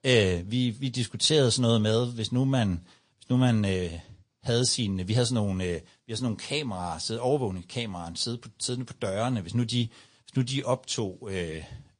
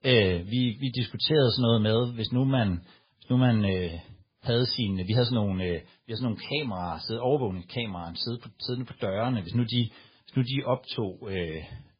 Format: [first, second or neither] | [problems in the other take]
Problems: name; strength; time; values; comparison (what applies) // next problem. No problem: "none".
first | garbled, watery; badly; nothing above 5 kHz; slightly in the first